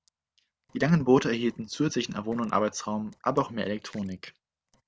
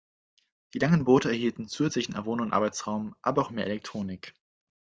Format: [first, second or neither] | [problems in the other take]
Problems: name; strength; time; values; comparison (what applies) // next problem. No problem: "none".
second | noise reduction (neural separator model SepFormer DNS4)